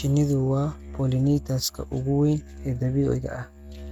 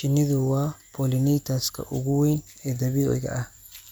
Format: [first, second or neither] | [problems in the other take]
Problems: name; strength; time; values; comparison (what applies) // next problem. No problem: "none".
second | noise reduction (neural mask model RNNoise)